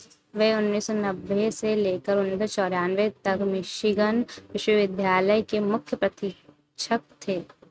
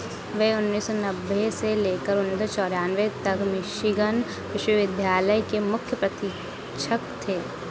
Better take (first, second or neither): second